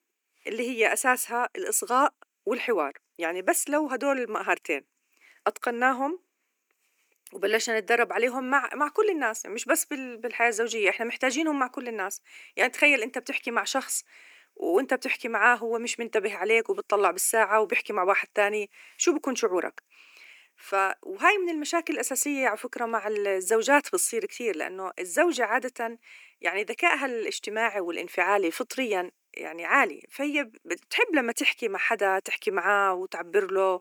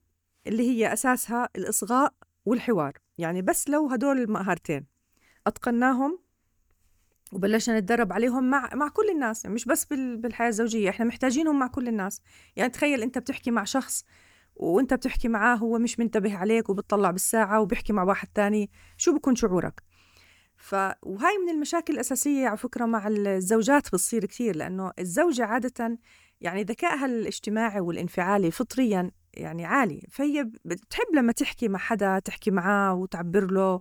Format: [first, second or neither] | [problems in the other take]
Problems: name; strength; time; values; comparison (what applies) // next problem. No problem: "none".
second | thin; somewhat; fading below 300 Hz